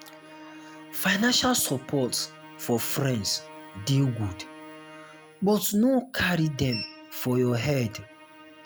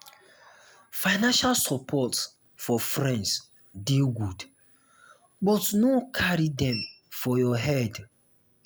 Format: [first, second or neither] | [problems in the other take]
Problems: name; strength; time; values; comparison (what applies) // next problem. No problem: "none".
second | background sound (Musical instrument); 19 dB below the speech